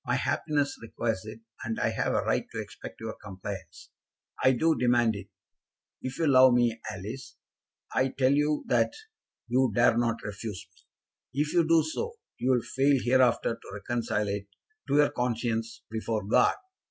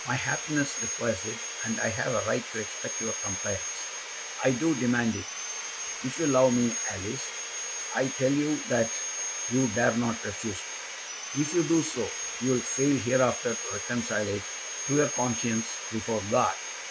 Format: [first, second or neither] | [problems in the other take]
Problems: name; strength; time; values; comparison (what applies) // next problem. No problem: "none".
first | background sound (Sawing); 6 dB below the speech